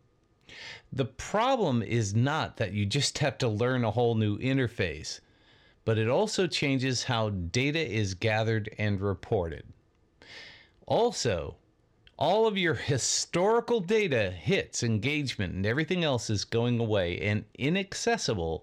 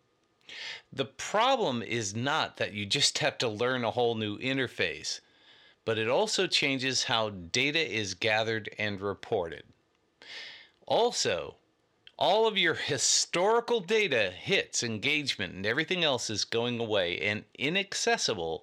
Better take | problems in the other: first | thin; somewhat; fading below 500 Hz

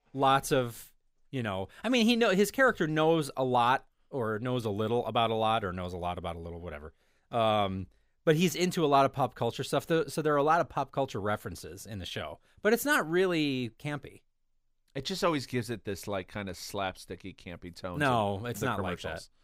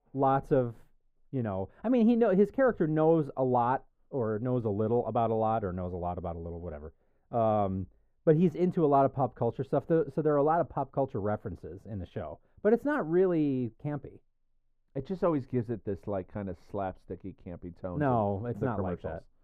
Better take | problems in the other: first | muffled; very; fading above 2 kHz

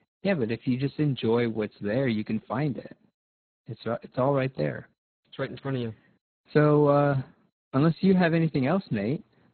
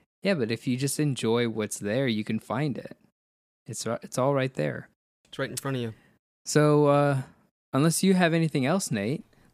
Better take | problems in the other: second | garbled, watery; badly; nothing above 4 kHz

